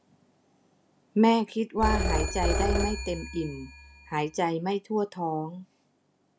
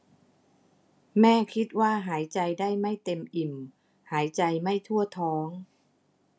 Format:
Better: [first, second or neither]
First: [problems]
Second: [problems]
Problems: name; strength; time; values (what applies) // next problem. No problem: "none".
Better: second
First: background sound (Telephone); 1 dB below the speech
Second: none